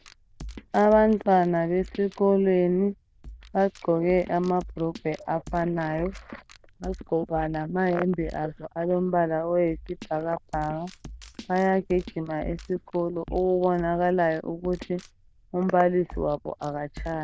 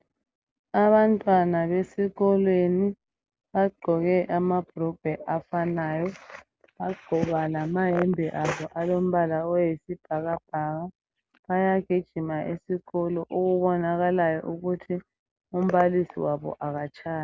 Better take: second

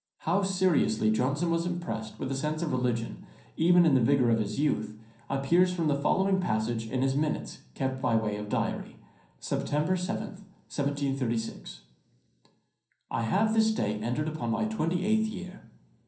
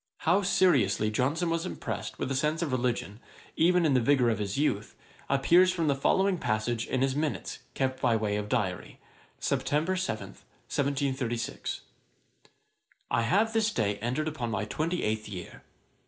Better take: second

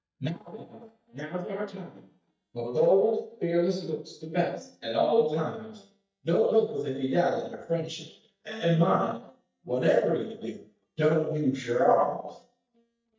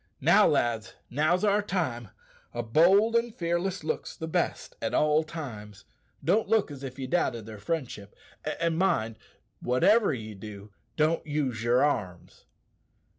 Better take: second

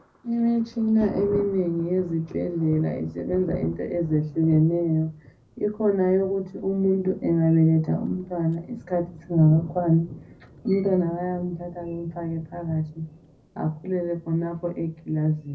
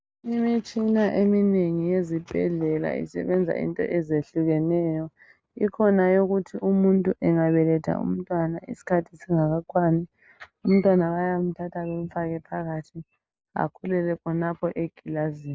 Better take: second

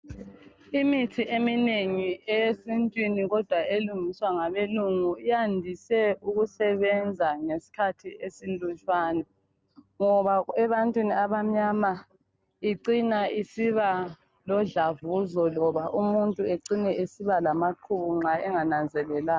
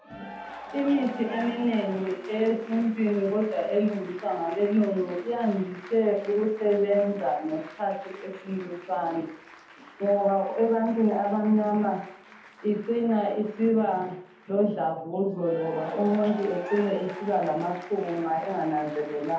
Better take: first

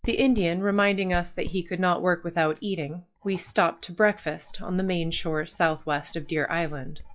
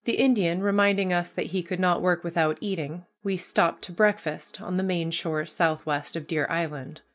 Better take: second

